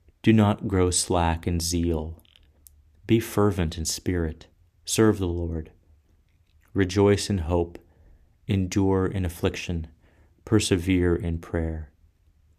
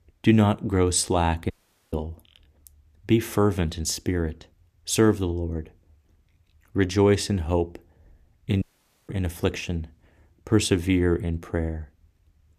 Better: first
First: none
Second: audio cutting out; at 1.5 s and at 8.5 s

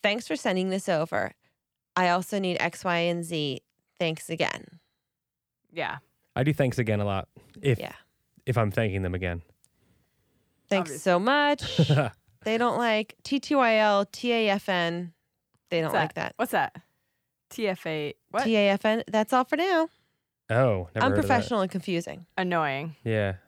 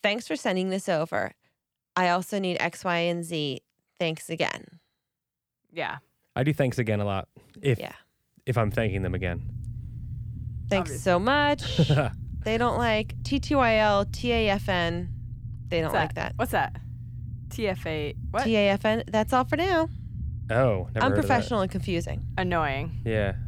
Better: first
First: none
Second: low rumble; faint; from 8.5 s on; 25 dB below the speech

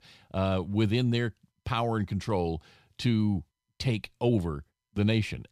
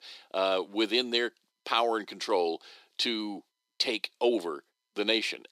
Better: first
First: none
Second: thin; very; fading below 300 Hz

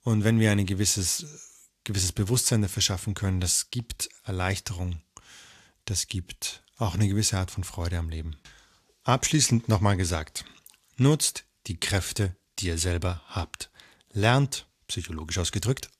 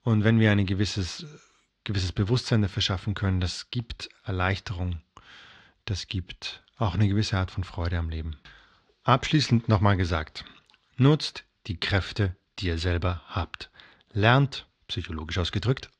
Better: first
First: none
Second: muffled; slightly; fading above 4 kHz

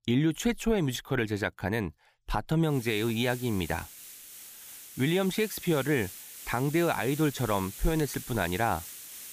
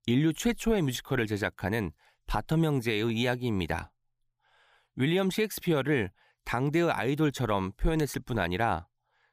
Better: second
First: hiss; noticeable; from 2.5 s on; 15 dB below the speech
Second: none

